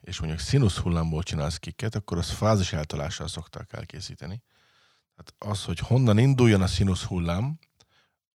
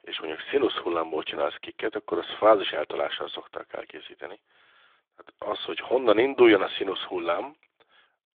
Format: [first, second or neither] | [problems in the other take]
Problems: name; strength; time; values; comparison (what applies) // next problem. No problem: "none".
first | phone-call audio; nothing above 3.5 kHz